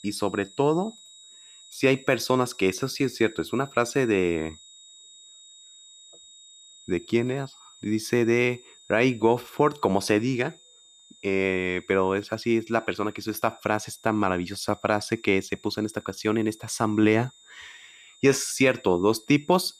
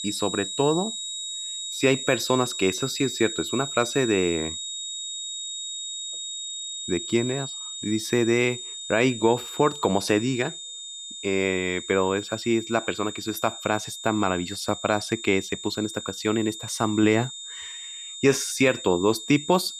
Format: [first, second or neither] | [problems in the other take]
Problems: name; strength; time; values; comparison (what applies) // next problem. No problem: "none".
first | high-pitched whine; loud; throughout; 3.5 kHz, 8 dB below the speech; faint in the first